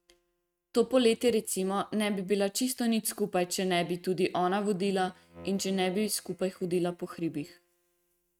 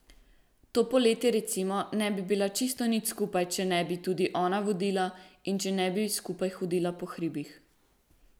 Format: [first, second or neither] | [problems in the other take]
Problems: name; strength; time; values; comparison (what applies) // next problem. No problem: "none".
second | noise reduction (neural mask model RNNoise)